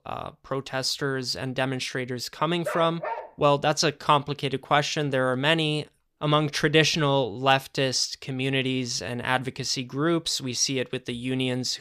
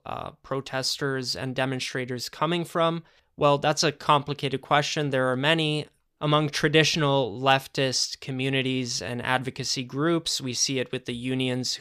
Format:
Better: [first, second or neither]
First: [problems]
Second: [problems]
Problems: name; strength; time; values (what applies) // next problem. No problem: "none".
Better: second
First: dog barking; noticeable; at 2.5 s; peak 8 dB below the speech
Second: none